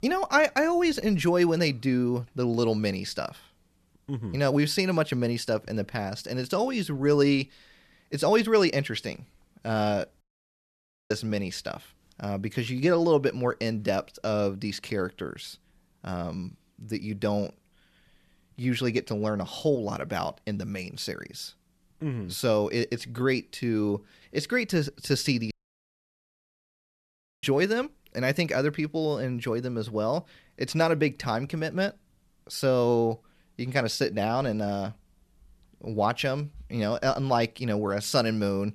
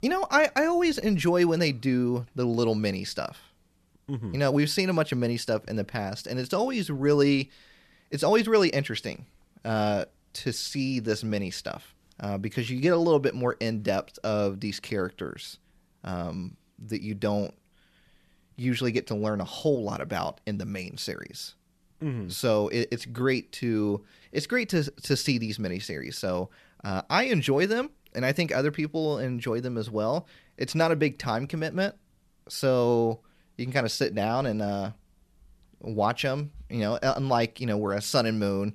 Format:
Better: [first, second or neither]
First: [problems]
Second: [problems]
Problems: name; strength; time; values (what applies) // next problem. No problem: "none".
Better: second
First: audio cutting out; at 10 s for 1 s and at 26 s for 2 s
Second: none